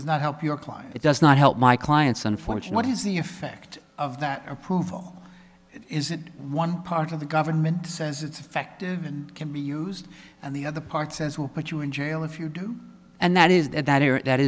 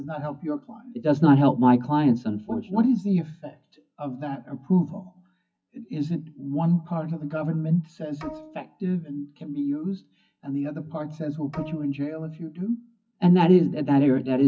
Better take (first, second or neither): first